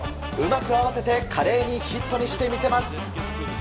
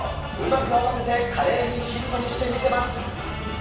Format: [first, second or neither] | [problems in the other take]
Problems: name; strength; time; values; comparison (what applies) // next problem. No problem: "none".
first | room echo; dies away in 1.1 s